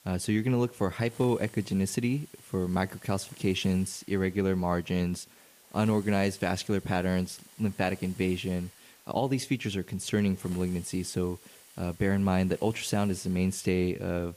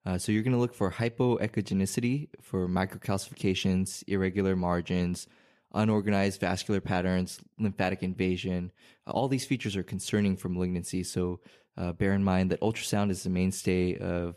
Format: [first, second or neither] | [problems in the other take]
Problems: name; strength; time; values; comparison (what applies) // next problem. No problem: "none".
second | hiss; faint; throughout; 20 dB below the speech